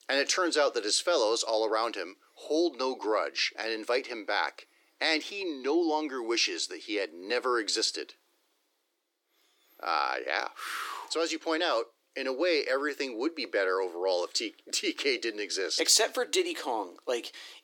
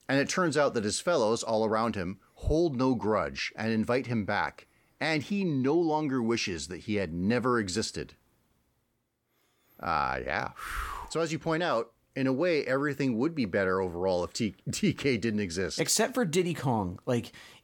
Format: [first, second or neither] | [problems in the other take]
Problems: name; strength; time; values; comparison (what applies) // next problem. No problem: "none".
second | thin; very; fading below 300 Hz